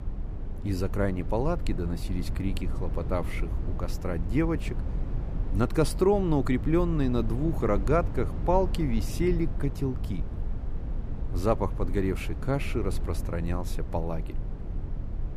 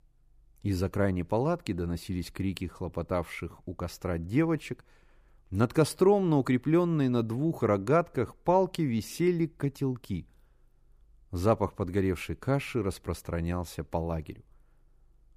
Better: second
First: low rumble; noticeable; throughout; 15 dB below the speech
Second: none

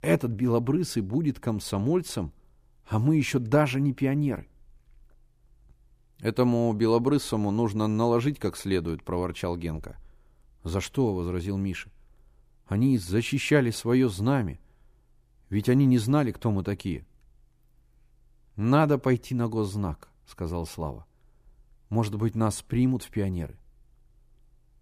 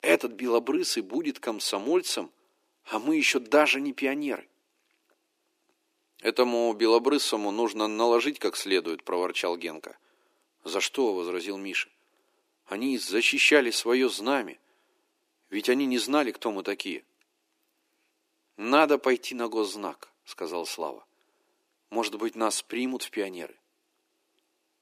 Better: first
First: none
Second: thin; somewhat; fading below 300 Hz

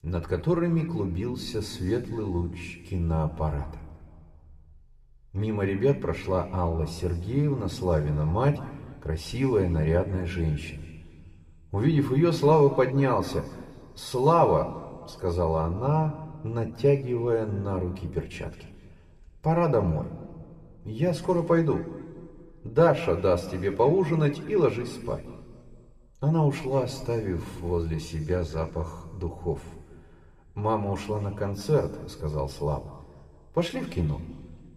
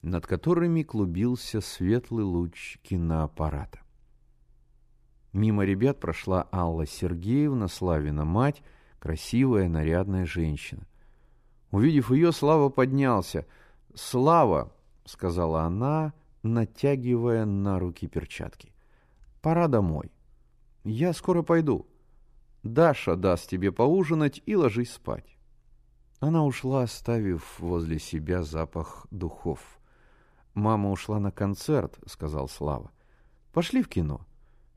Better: second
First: room echo; slight; dies away in 1.7 s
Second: none

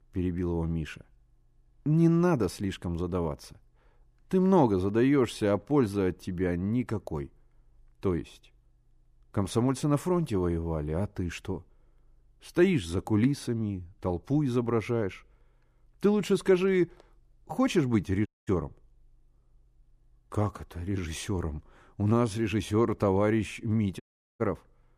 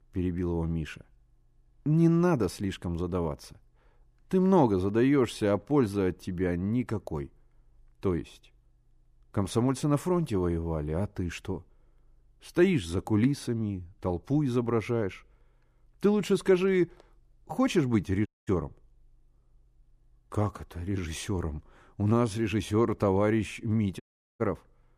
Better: neither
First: audio cutting out; at 18 s and at 24 s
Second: audio cutting out; at 18 s and at 24 s

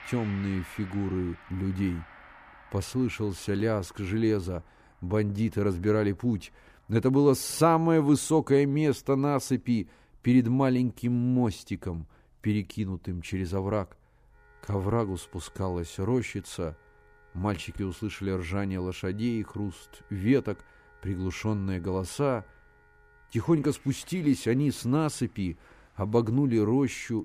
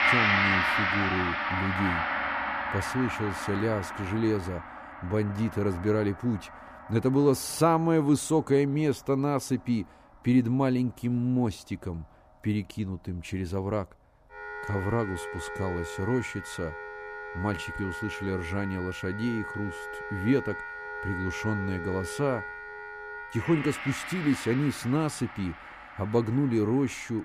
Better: first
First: background music; faint; throughout; 25 dB below the speech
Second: background music; loud; throughout; 4 dB below the speech

